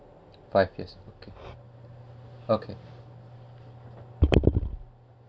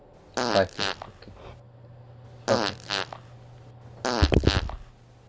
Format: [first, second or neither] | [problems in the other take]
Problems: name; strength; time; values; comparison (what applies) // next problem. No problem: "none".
first | background sound (Fart); 2 dB below the speech